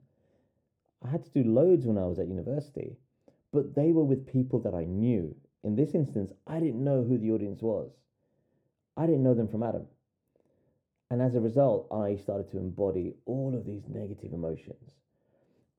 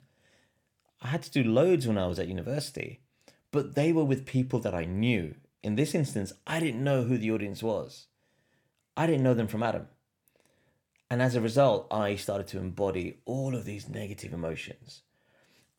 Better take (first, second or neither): second